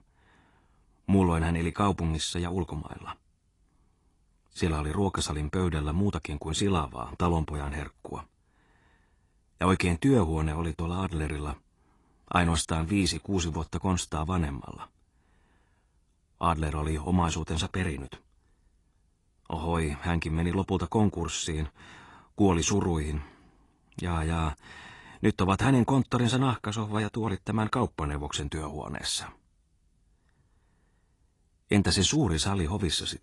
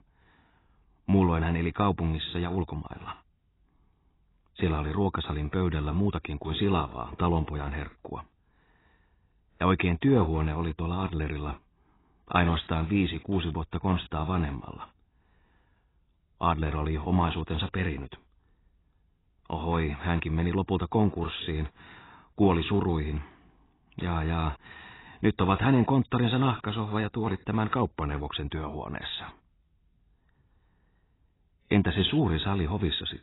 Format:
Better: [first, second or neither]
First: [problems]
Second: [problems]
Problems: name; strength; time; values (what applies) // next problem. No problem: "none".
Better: first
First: garbled, watery; slightly; nothing above 10.5 kHz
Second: garbled, watery; badly; nothing above 4 kHz